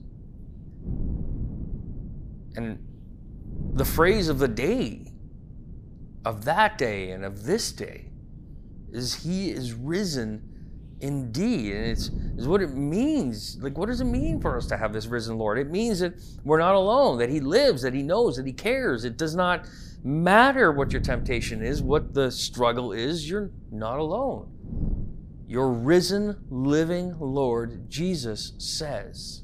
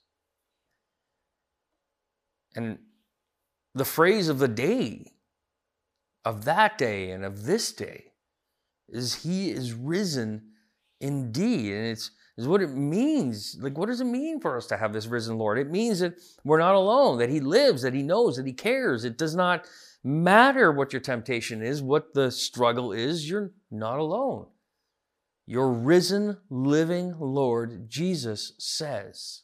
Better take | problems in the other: second | wind noise on the microphone; occasional gusts; 25 dB below the speech

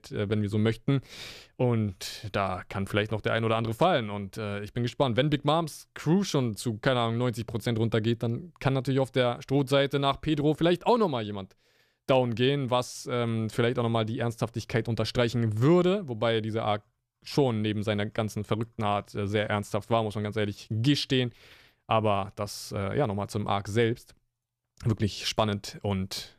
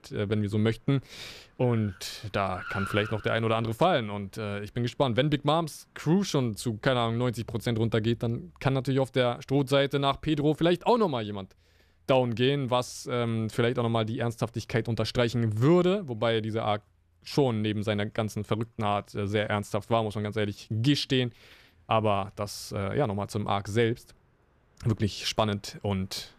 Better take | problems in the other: first | traffic noise; noticeable; throughout; 20 dB below the speech

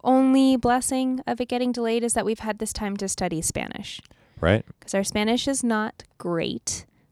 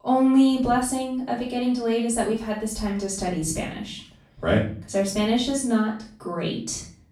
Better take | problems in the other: first | off-mic speech; far // room echo; noticeable; dies away in 0.4 s

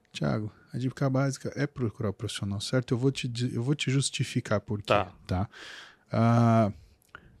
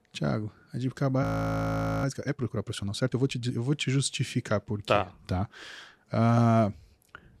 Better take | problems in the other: first | audio freezing; at 1 s for 1 s

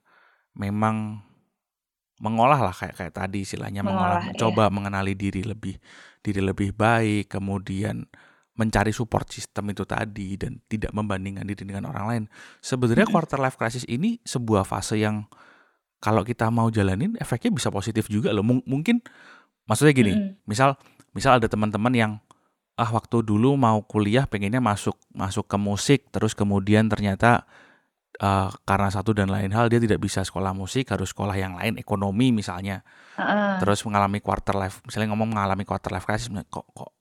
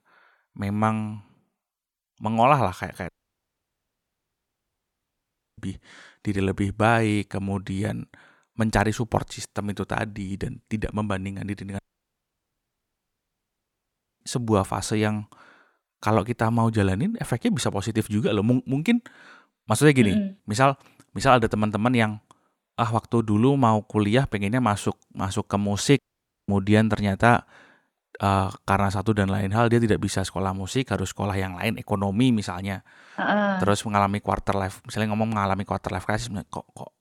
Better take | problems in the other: first | audio cutting out; at 3 s for 2.5 s, at 12 s for 2.5 s and at 26 s

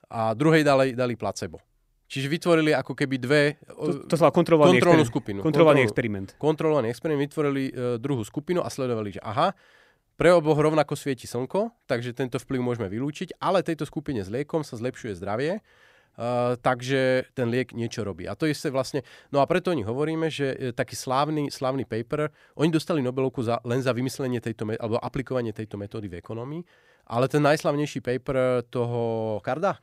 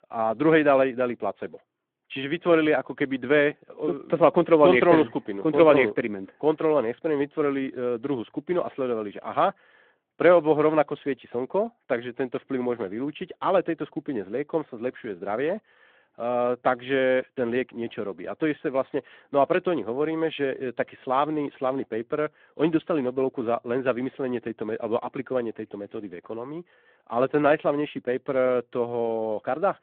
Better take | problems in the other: first | phone-call audio

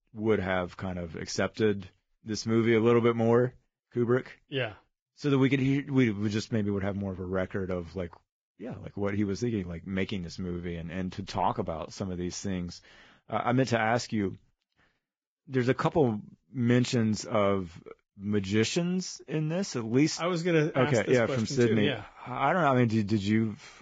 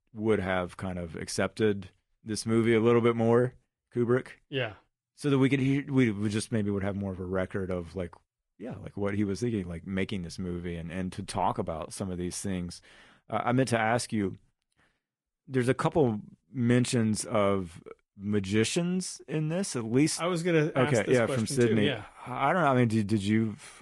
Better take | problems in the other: second | garbled, watery; badly; nothing above 7.5 kHz; slightly in the second

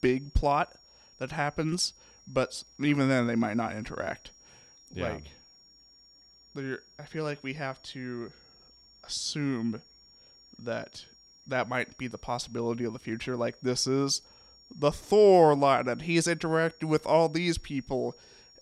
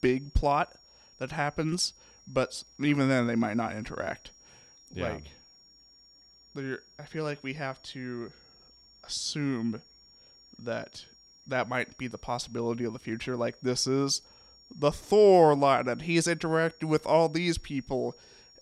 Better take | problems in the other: neither | high-pitched whine; faint; throughout; 5.5 kHz, 25 dB below the speech; the same in both

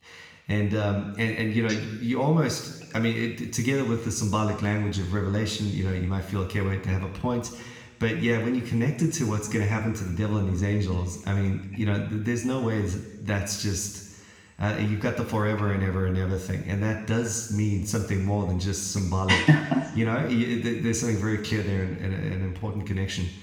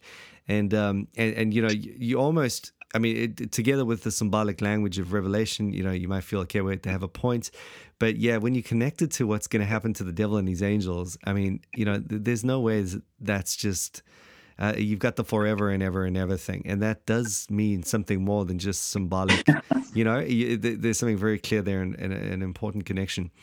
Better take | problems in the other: second | room echo; noticeable; dies away in 1 s // off-mic speech; somewhat distant

